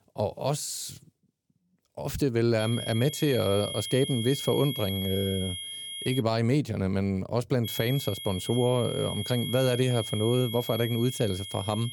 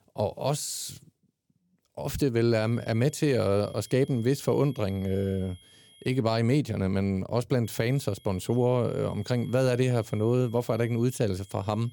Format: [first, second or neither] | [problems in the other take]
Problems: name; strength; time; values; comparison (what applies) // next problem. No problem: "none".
second | high-pitched whine; loud; from 2.5 to 6 s and from 7.5 s on; 3.5 kHz, 7 dB below the speech; faint in the second